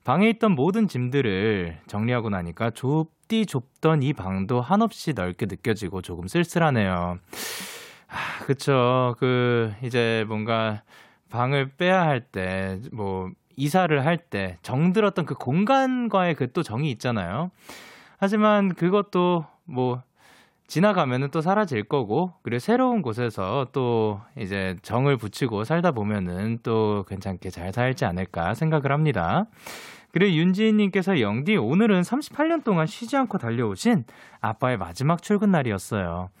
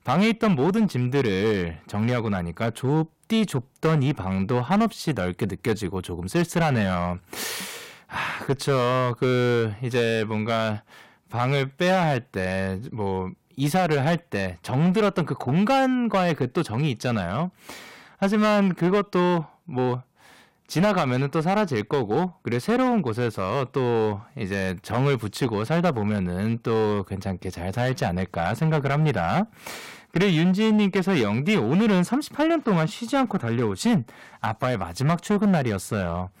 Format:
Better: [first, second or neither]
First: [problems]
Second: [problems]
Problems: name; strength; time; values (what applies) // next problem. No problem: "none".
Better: first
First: none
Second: distortion; slight; 7% of the sound clipped